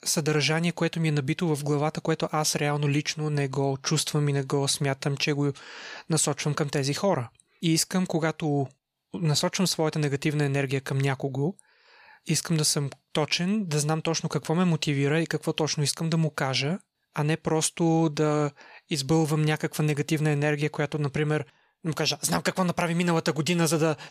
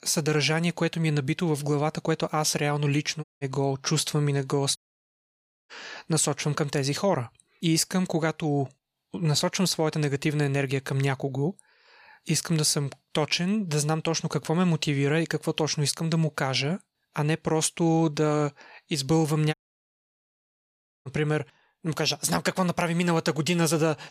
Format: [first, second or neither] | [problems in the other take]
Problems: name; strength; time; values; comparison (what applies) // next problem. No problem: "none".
first | audio cutting out; at 3 s, at 5 s for 1 s and at 20 s for 1.5 s